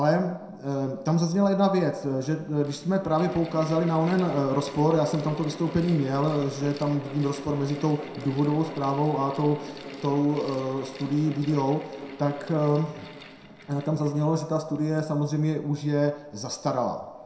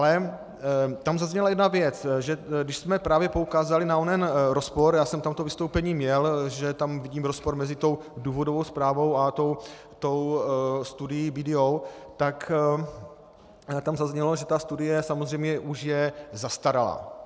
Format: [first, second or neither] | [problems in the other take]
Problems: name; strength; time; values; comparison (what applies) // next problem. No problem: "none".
second | background sound (Mechanical fan); 16 dB below the speech // room echo; dies away in 0.5 s